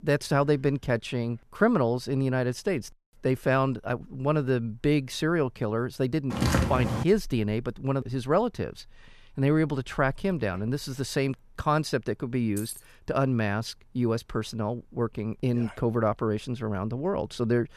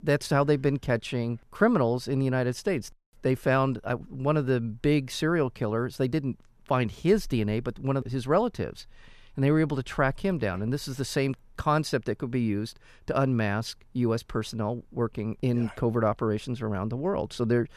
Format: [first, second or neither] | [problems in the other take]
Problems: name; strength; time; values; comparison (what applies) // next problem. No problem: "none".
second | footsteps; loud; at 6.5 s; peak 3 dB above the speech // jangling keys; faint; at 13 s; peak 10 dB below the speech